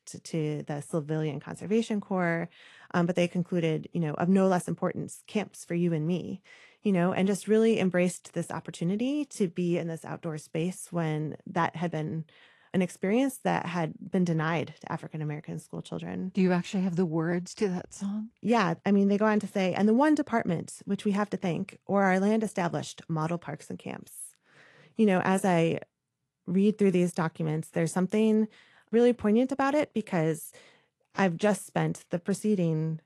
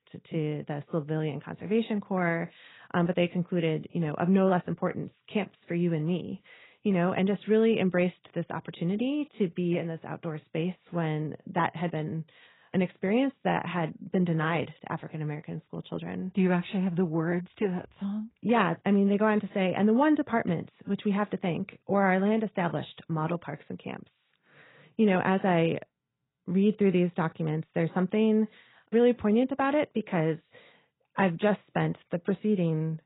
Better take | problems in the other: first | garbled, watery; badly; nothing above 4 kHz; slightly in the first

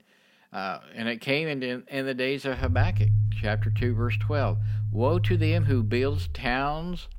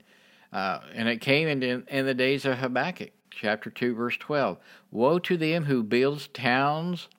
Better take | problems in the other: second | low rumble; noticeable; from 2.5 s on; 10 dB below the speech

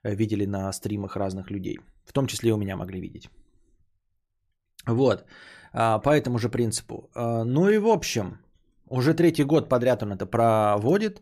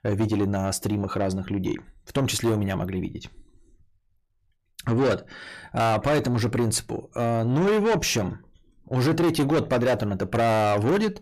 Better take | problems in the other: first | distortion; heavy; 7 dB below the speech

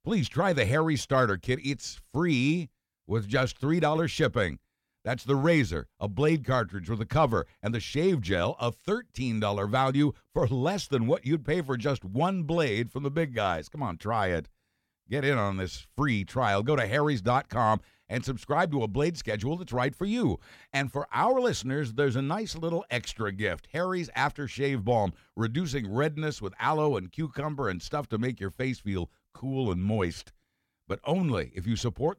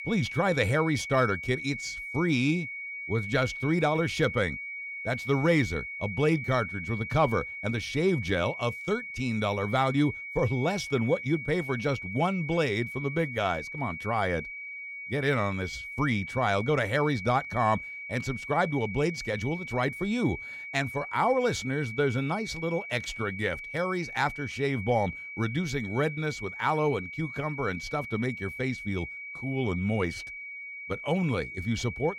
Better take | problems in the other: first | high-pitched whine; loud; throughout; 2.5 kHz, 8 dB below the speech

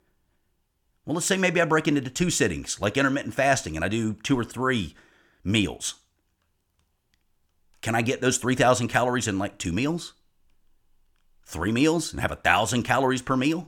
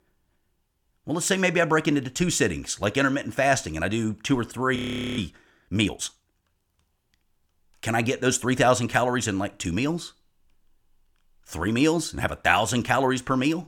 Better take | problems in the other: first | audio freezing; at 5 s

